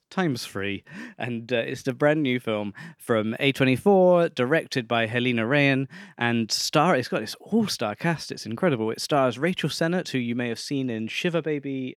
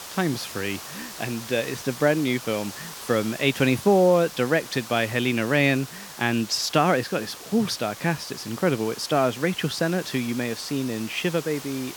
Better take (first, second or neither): first